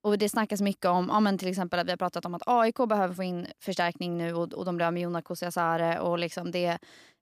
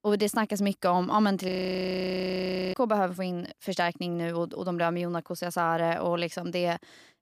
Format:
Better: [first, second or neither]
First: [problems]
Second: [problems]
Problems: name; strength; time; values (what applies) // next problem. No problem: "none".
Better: first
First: none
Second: audio freezing; at 1.5 s for 1 s